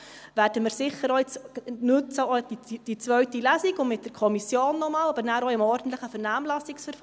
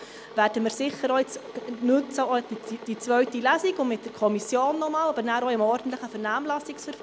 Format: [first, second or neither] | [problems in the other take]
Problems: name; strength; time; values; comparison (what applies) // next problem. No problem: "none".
first | background sound (Boiling / Water); 17 dB below the speech